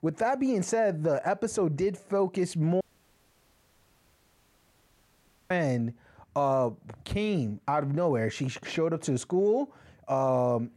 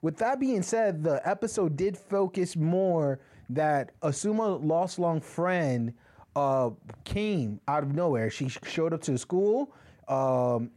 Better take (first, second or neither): second